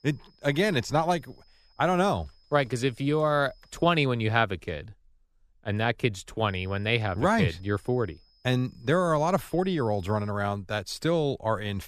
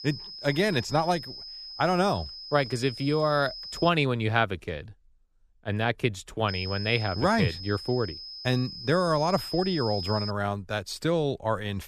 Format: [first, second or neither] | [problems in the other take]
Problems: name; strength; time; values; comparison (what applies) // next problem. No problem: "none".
first | high-pitched whine; loud; until 4 s and from 6.5 to 10 s; 5 kHz, 10 dB below the speech; faint in the first